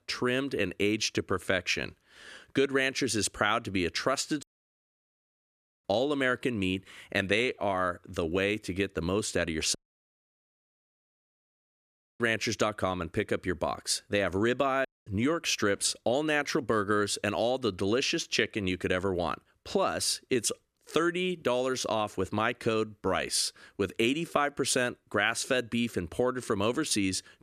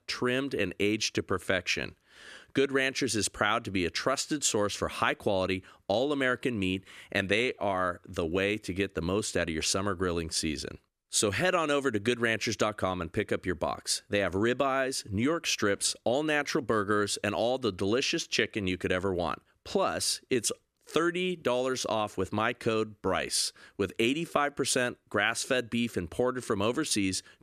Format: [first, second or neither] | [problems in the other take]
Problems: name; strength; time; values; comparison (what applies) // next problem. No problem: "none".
second | audio cutting out; at 4.5 s for 1.5 s, at 10 s for 2.5 s and at 15 s